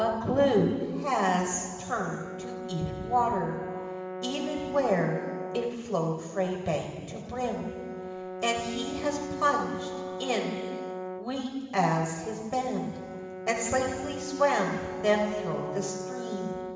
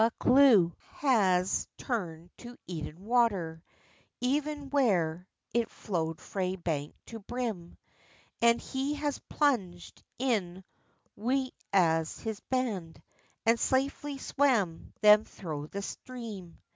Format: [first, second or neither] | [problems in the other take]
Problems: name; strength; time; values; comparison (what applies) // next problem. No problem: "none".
second | background sound (Brass instrument); 9 dB below the speech // room echo; dies away in 1.7 s